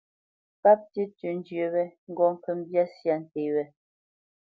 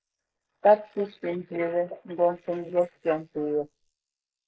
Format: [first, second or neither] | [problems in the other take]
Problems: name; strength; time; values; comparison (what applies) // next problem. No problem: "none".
first | noise reduction (neural mask model Resemble Enhance denoiser)